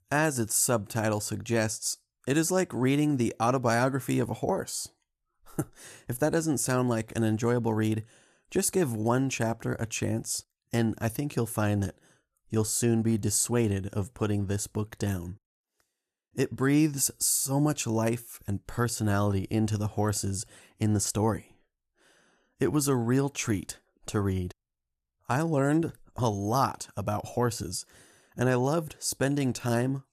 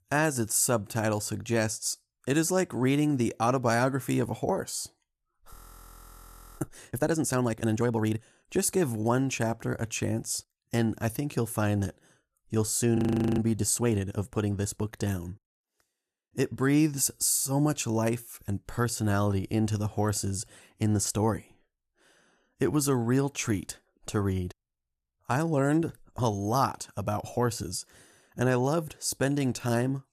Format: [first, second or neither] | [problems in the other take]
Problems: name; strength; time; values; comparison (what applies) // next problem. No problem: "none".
first | audio freezing; at 5.5 s for 1 s and at 13 s